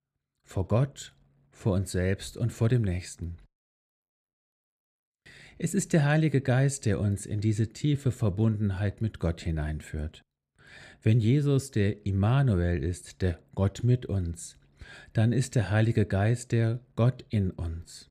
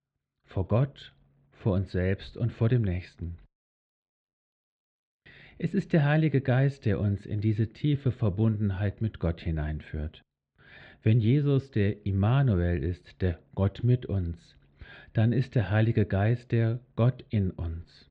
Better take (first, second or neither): first